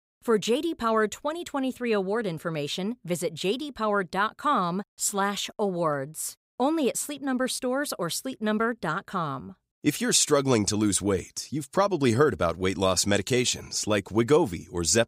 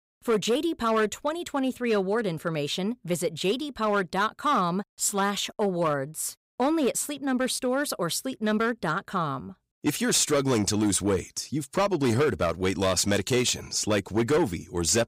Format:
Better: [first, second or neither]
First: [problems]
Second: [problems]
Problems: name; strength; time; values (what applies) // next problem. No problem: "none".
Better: first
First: none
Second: distortion; slight; 6% of the sound clipped